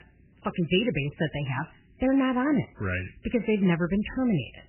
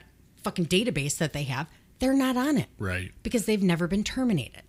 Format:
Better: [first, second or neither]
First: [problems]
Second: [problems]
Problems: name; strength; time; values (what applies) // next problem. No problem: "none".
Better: second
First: garbled, watery; badly; nothing above 3 kHz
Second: none